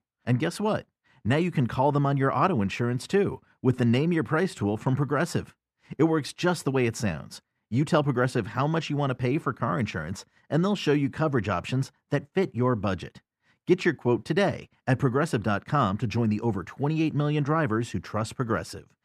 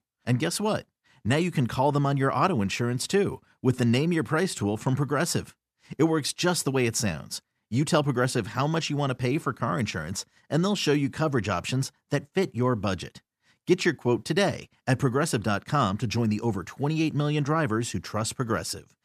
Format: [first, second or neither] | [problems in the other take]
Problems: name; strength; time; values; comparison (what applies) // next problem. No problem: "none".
second | muffled; slightly; fading above 3.5 kHz